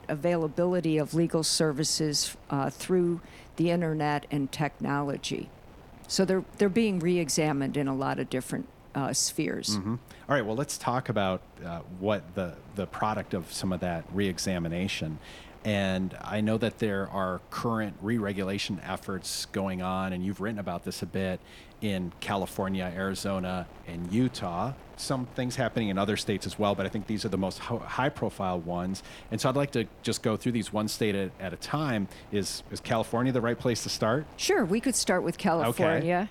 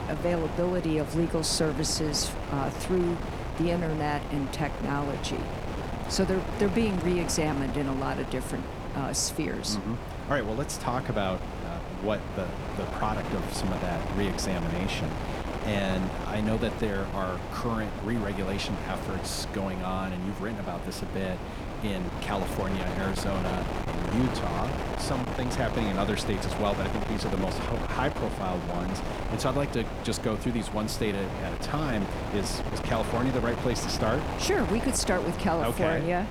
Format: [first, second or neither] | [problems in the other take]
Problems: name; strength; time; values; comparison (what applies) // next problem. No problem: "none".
first | wind noise on the microphone; heavy; 4 dB below the speech; occasional gusts in the first